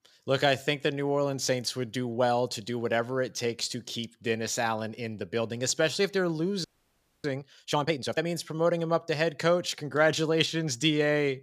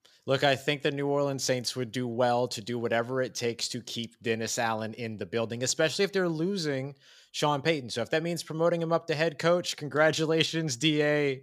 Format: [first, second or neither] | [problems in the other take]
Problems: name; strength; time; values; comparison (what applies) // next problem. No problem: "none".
second | audio freezing; at 6.5 s for 0.5 s